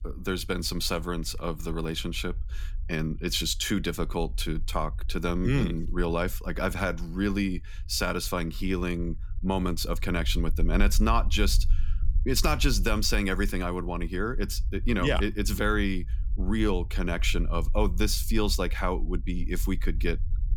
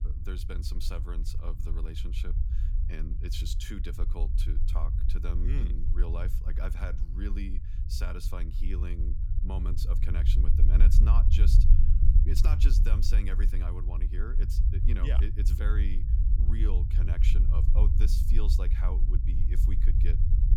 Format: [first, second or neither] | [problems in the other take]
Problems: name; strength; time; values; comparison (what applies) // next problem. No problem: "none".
first | low rumble; loud; throughout; 4 dB below the speech; faint in the first